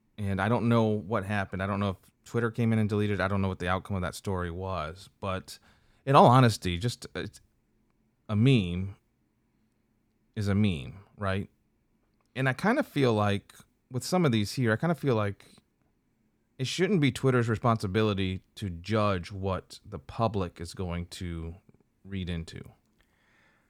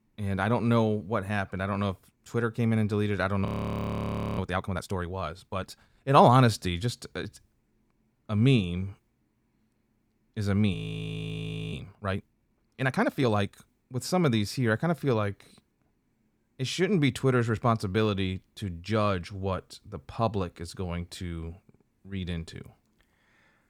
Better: first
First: none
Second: audio freezing; at 3.5 s for 1 s and at 11 s for 1 s

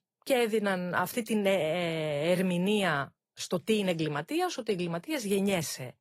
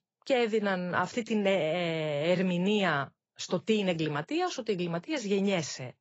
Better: first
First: garbled, watery; slightly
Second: garbled, watery; badly; nothing above 7.5 kHz

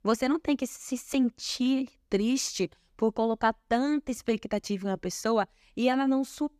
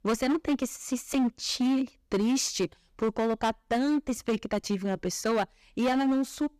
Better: first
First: none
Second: distortion; slight; 13% of the sound clipped

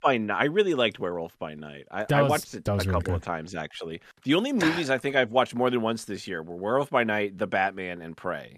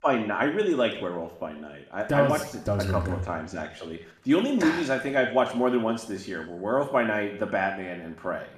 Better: first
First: none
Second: room echo; slight; dies away in 0.7 s // off-mic speech; somewhat distant

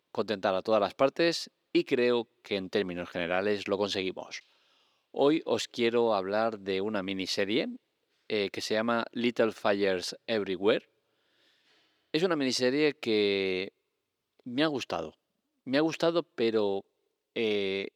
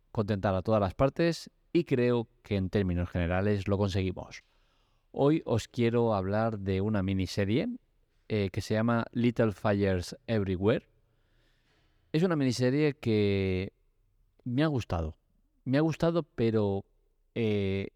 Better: second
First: thin; somewhat; fading below 350 Hz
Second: none

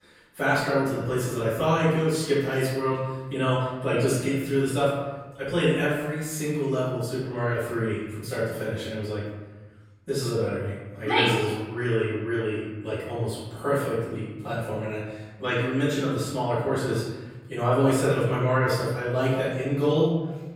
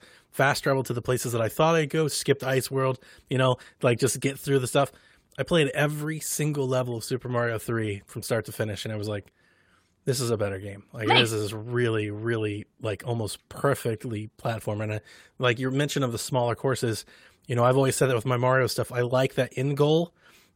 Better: second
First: room echo; noticeable; dies away in 1.2 s // off-mic speech; far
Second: none

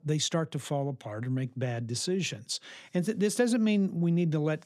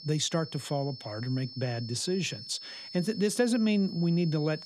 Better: first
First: none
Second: high-pitched whine; noticeable; throughout; 5.5 kHz, 15 dB below the speech

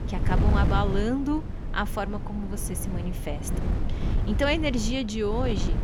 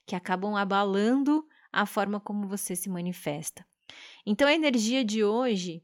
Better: second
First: wind noise on the microphone; heavy; 9 dB below the speech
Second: none

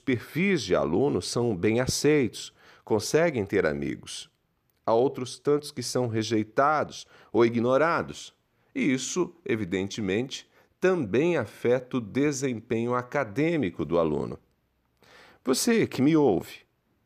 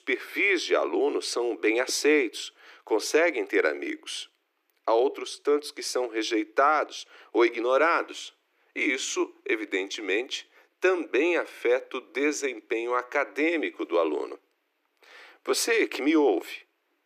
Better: first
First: none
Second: thin; somewhat; fading below 300 Hz

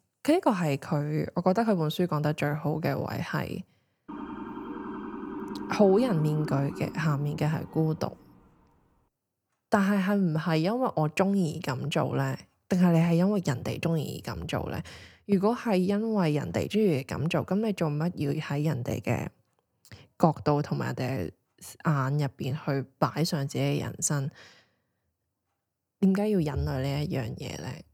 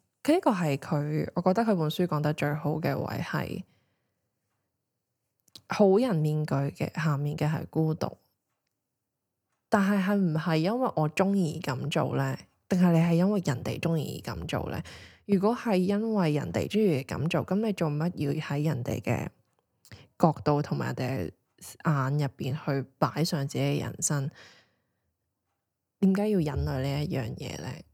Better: second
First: siren; noticeable; from 4 to 8 s; peak 8 dB below the speech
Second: none

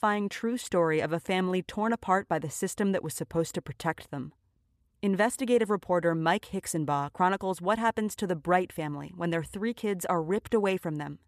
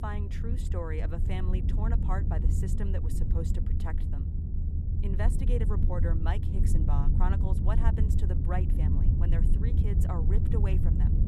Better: first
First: none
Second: low rumble; loud; throughout; 2 dB below the speech

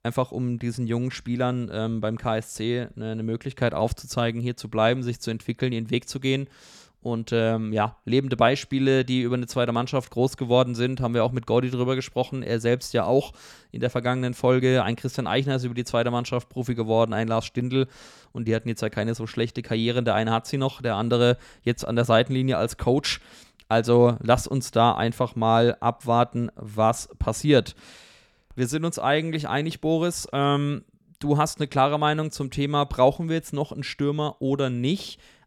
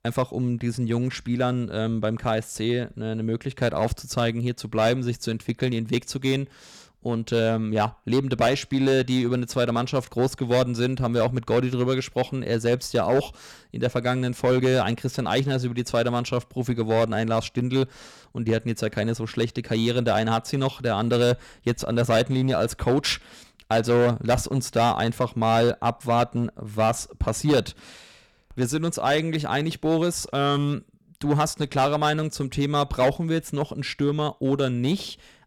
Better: first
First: none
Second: distortion; slight; 6% of the sound clipped

